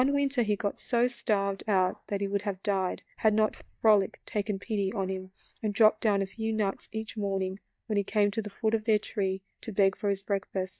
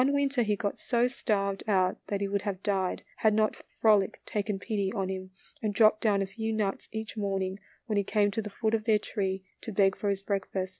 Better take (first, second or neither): second